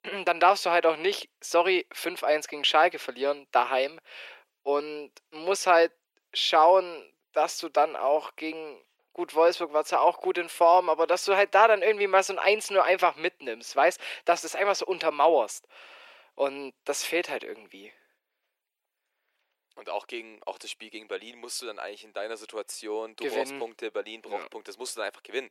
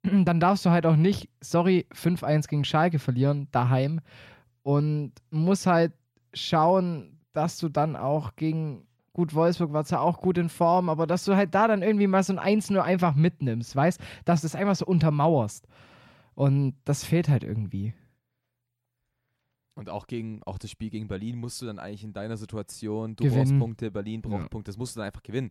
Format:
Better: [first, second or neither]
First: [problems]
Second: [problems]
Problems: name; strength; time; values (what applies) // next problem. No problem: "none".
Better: second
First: thin; very; fading below 400 Hz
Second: none